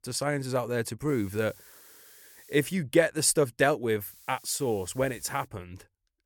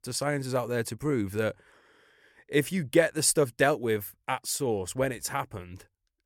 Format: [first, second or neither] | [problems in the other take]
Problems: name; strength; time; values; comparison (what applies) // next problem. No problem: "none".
second | hiss; faint; from 1 to 2.5 s and from 4 to 5.5 s; 25 dB below the speech